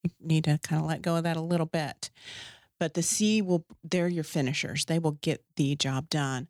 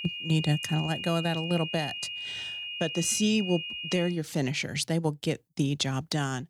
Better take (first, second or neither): first